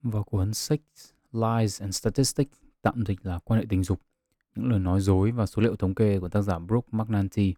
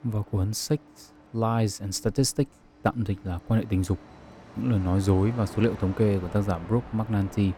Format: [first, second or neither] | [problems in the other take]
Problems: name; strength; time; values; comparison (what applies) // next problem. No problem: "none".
first | train or aircraft noise; noticeable; throughout; 20 dB below the speech